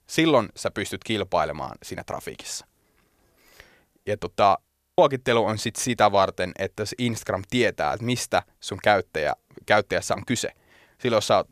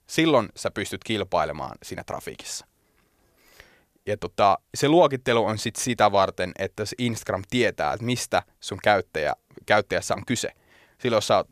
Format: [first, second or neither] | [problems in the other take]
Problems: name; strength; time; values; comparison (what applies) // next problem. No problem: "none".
second | audio freezing; at 4.5 s